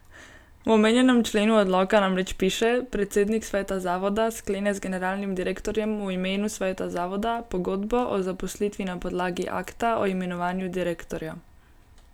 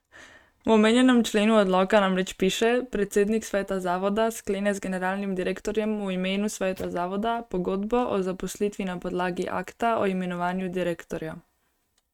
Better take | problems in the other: first | noise reduction (neural mask model RNNoise)

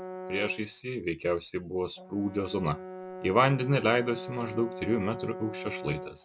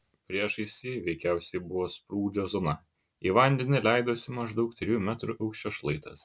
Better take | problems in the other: second | background sound (Brass instrument); 11 dB below the speech

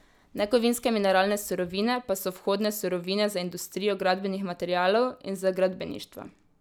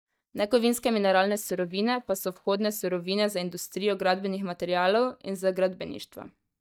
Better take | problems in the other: first | noise reduction (neural mask model DeepFilterNet 3)

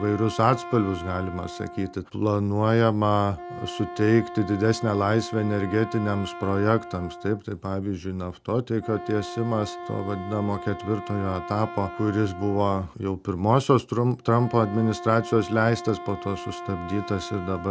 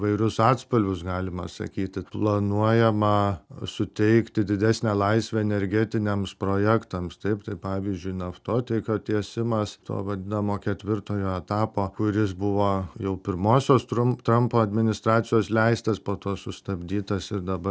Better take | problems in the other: second | background sound (Wind instrument, woodwind instrument); 13 dB below the speech

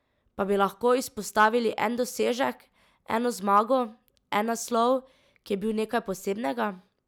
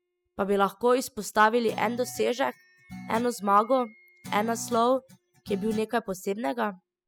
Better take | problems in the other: first | noise reduction (classical method spectral subtraction)

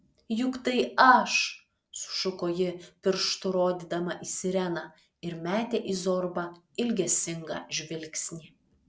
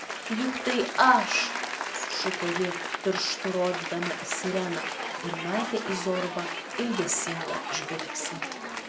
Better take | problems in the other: first | background sound (Applause / Cheering); 4 dB below the speech

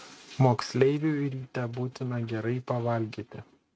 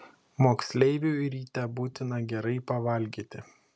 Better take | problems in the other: second | noise reduction (neural mask model RNNoise)

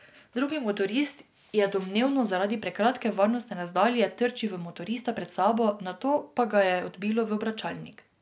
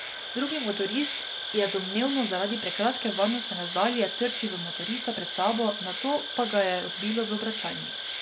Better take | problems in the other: first | background sound (Insect); 5 dB below the speech

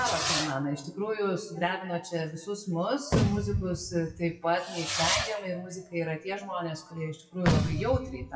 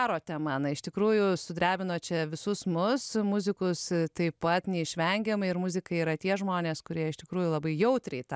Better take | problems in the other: second | noise reduction (classical method WPE with log-MMSE)

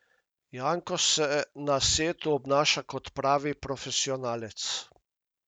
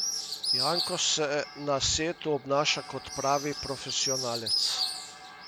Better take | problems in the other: first | background sound (Bird); 3 dB below the speech

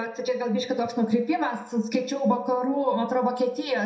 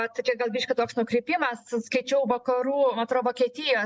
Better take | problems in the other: second | room echo; dies away in 0.6 s

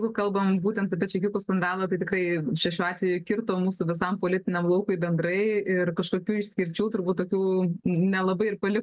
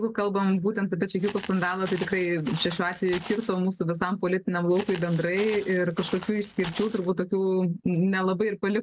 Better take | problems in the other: first | background sound (Walk, footsteps); 16 dB below the speech

